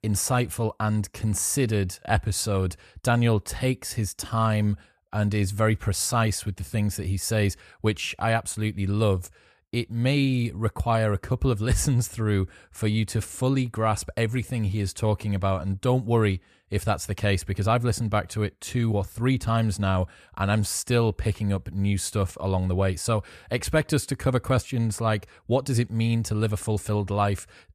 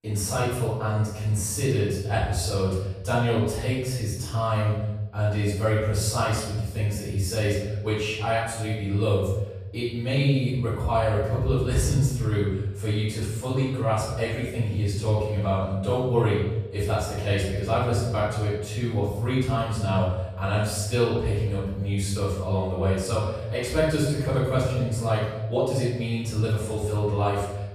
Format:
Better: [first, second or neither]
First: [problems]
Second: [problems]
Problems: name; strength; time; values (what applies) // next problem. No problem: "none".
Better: first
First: none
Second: room echo; strong; dies away in 1 s // off-mic speech; far